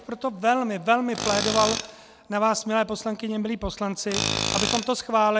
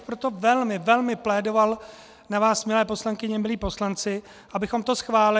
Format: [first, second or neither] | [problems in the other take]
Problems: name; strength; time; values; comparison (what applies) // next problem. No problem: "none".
second | background sound (Tools); 7 dB below the speech